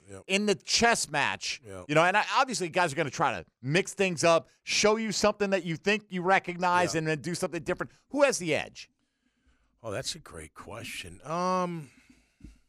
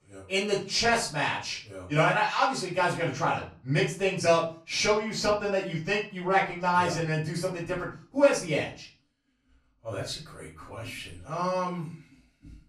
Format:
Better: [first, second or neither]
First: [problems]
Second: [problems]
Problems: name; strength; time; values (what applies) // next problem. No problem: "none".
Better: first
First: none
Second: off-mic speech; far // room echo; noticeable; dies away in 0.3 s